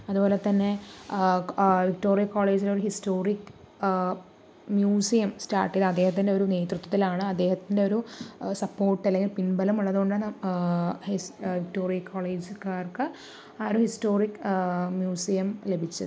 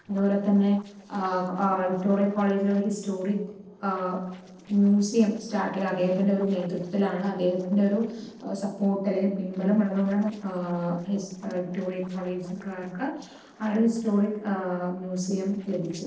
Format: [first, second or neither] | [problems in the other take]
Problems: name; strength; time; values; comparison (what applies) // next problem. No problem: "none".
first | noise reduction (neural separator model SepFormer DNS4)